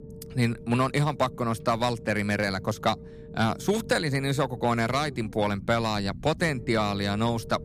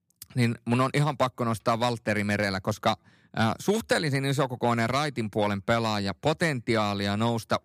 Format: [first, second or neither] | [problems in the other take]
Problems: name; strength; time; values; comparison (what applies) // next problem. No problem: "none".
second | low rumble; noticeable; throughout; 20 dB below the speech